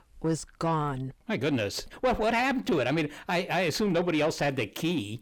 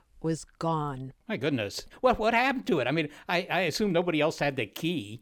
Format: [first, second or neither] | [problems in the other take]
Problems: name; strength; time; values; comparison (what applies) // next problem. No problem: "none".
second | distortion; slight; 10 dB below the speech